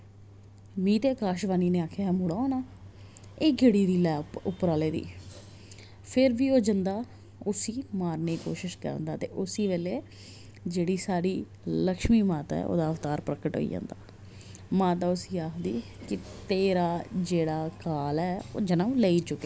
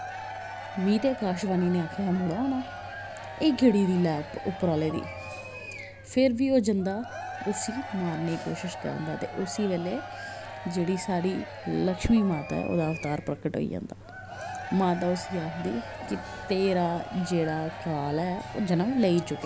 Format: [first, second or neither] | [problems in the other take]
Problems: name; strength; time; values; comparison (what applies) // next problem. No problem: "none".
first | background sound (Crowd / Cheering); 12 dB below the speech